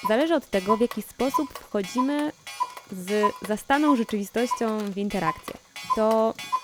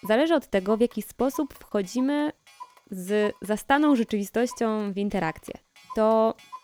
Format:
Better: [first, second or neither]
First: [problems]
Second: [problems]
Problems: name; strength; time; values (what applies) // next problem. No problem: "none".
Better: second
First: household noises; loud; throughout; 6 dB below the speech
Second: household noises; faint; throughout; 20 dB below the speech